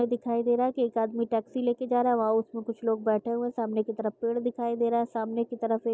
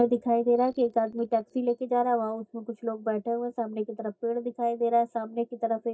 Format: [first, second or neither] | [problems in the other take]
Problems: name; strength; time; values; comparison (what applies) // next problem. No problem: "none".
first | noise reduction (neural mask model DeepFilterNet 3)